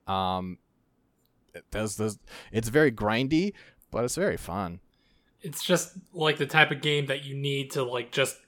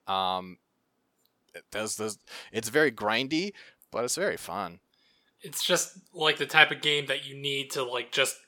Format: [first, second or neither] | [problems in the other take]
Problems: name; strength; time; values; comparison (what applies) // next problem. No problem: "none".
first | thin; somewhat; fading below 1 kHz